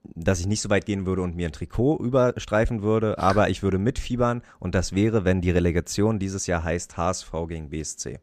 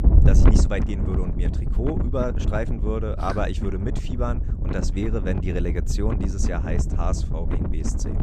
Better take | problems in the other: first | wind noise on the microphone; heavy; 5 dB below the speech

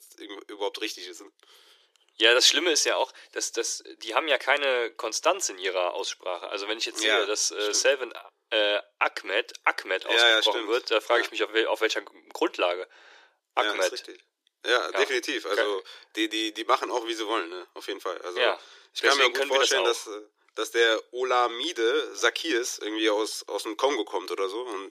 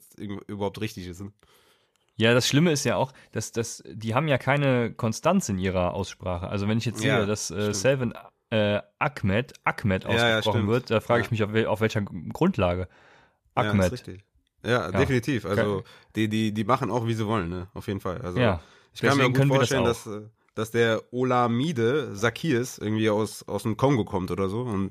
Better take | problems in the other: second | thin; very; fading below 300 Hz

